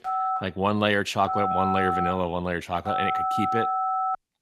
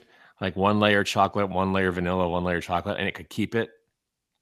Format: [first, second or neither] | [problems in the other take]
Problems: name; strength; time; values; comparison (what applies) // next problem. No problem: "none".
second | phone ringing; loud; peak 2 dB above the speech